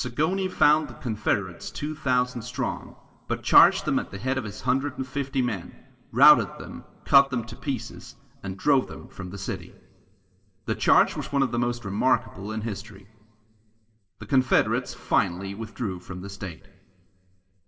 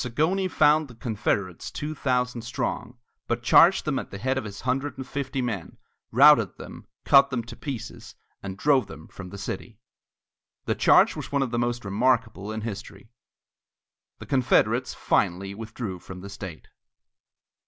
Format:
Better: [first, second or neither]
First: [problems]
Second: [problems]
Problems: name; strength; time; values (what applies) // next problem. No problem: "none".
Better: second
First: room echo; dies away in 1.4 s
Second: none